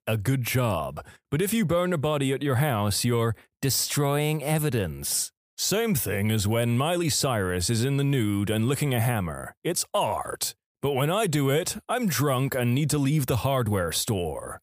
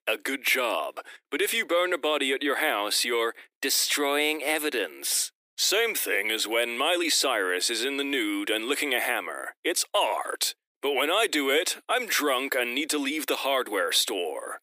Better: first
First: none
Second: thin; somewhat; fading below 300 Hz

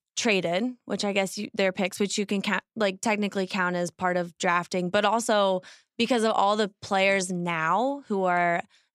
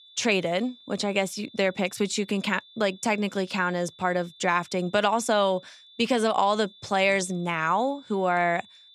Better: first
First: none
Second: high-pitched whine; faint; throughout; 3.5 kHz, 25 dB below the speech

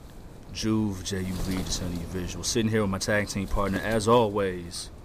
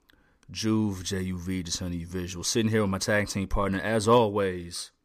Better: second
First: wind noise on the microphone; occasional gusts; 15 dB below the speech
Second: none

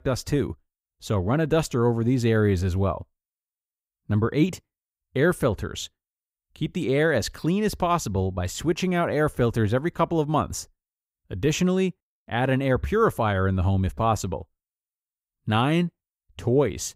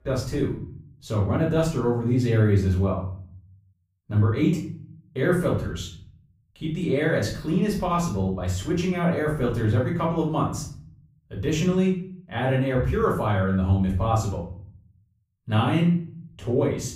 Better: first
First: none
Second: off-mic speech; far // room echo; slight; dies away in 0.5 s

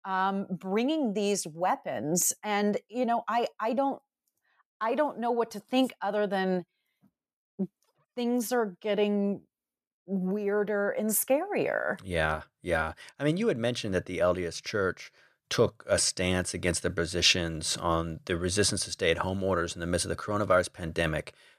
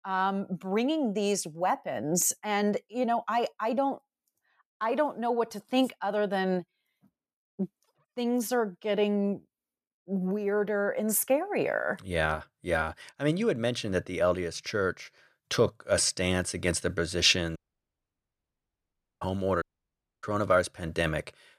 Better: first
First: none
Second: audio cutting out; at 18 s for 1.5 s and at 20 s for 0.5 s

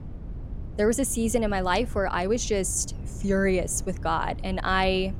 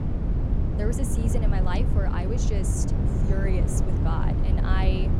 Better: first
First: low rumble; faint; throughout; 25 dB below the speech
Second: low rumble; loud; throughout; 2 dB below the speech

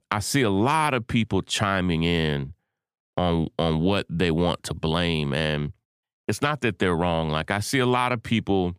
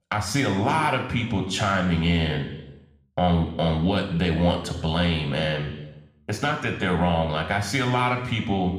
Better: first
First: none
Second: room echo; slight; dies away in 0.9 s // off-mic speech; somewhat distant

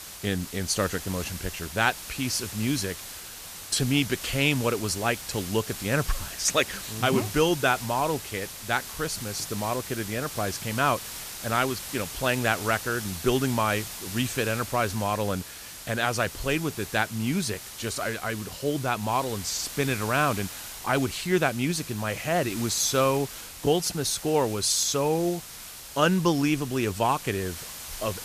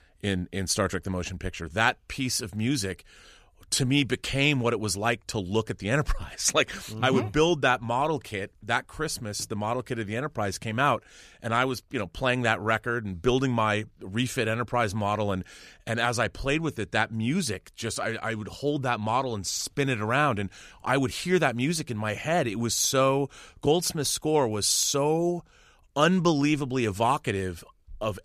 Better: second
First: hiss; loud; throughout; 10 dB below the speech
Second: none

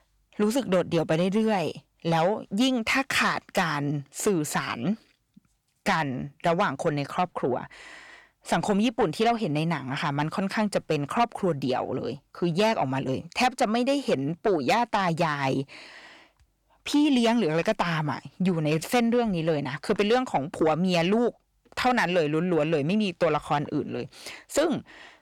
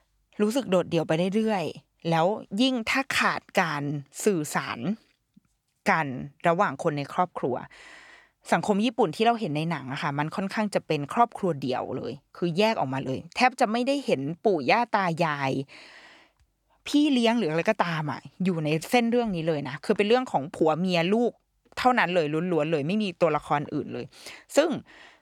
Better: second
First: distortion; slight; 10 dB below the speech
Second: none

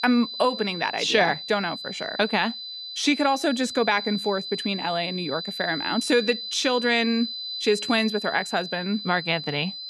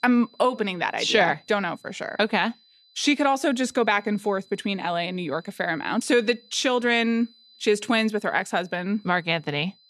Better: second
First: high-pitched whine; loud; throughout; 4 kHz, 7 dB below the speech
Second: high-pitched whine; faint; throughout; 4 kHz, 30 dB below the speech

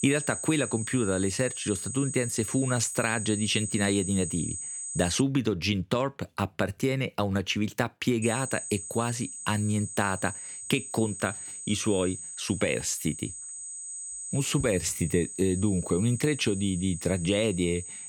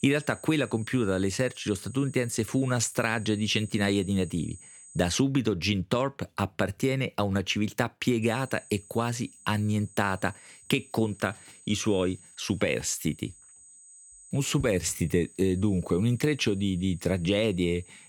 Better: second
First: high-pitched whine; loud; until 5 s and from 8 s on; 8 kHz, 7 dB below the speech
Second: high-pitched whine; faint; until 5 s and from 8 s on; 8 kHz, 20 dB below the speech

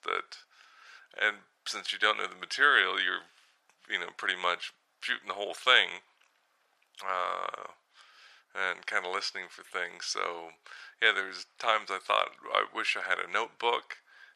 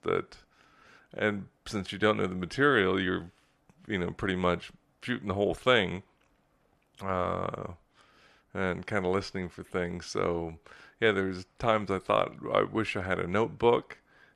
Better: second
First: thin; very; fading below 900 Hz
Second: none

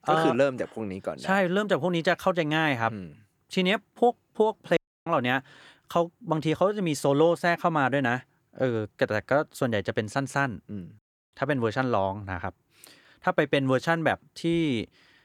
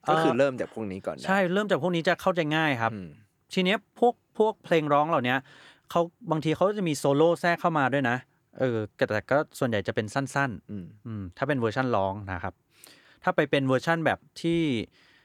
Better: second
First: audio cutting out; at 5 s and at 11 s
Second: none

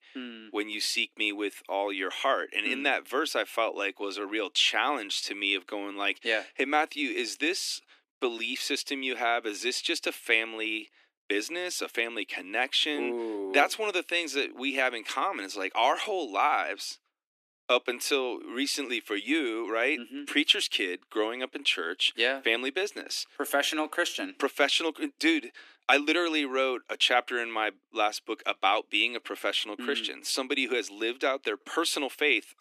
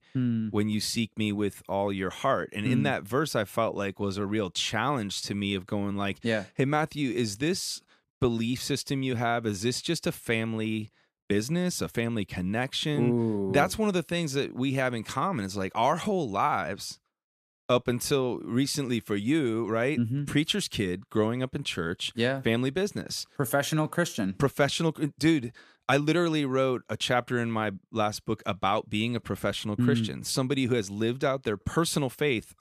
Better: second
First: thin; somewhat; fading below 300 Hz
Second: none

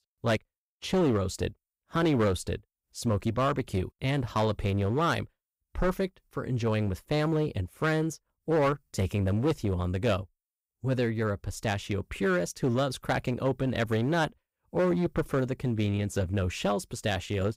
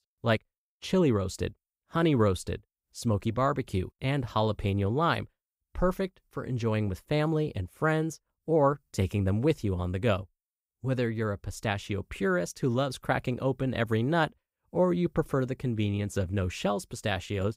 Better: second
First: distortion; slight; 8% of the sound clipped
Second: none

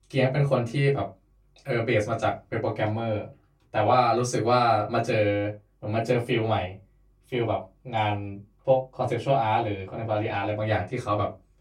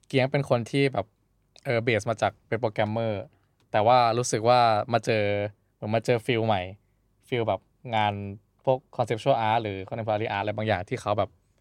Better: second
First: off-mic speech; far // room echo; very slight; dies away in 0.2 s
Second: none

